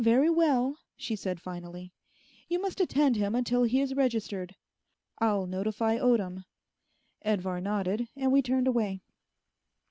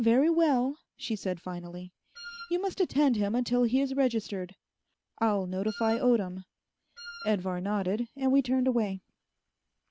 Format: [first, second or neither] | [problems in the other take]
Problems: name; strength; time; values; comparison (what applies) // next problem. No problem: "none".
first | background sound (Wind instrument, woodwind instrument); 16 dB below the speech